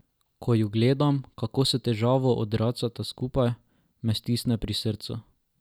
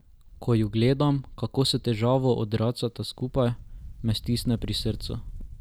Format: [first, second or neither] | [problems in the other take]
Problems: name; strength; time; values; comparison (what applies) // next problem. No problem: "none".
first | background sound (Wind); 15 dB below the speech